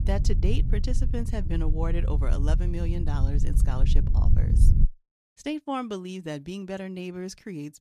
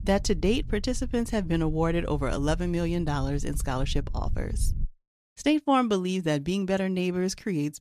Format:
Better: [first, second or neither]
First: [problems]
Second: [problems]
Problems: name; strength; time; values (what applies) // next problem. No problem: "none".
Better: second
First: low rumble; loud; until 5 s; 7 dB below the speech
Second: low rumble; faint; until 5 s; 25 dB below the speech